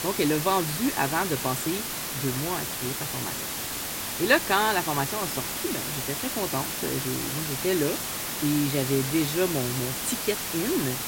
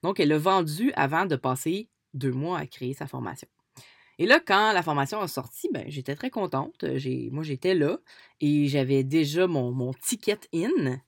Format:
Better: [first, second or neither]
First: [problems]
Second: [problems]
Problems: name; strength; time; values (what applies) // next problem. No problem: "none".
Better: second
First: hiss; loud; throughout; 1 dB below the speech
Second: none